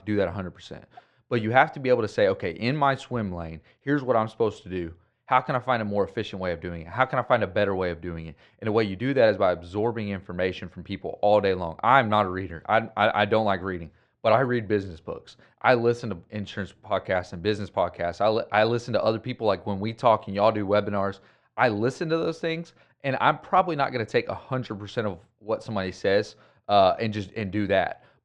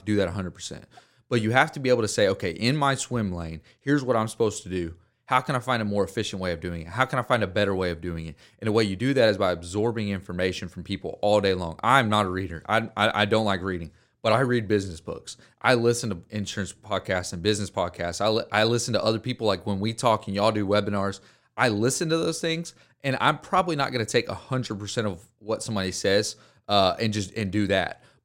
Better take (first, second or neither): second